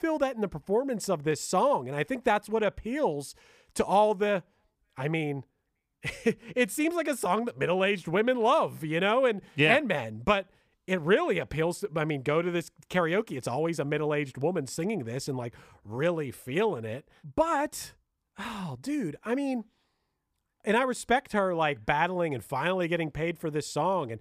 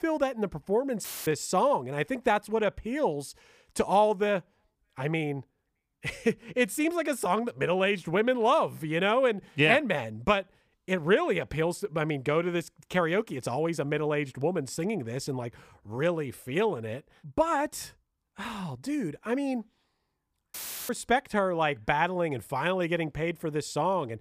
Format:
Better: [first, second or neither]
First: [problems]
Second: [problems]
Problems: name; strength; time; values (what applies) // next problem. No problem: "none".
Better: first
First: none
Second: audio cutting out; filled with static; at 1 s and at 21 s